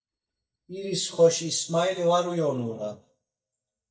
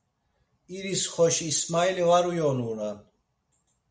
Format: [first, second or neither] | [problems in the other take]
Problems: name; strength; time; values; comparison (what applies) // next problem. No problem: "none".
second | noise reduction (neural mask model DeepFilterNet 3)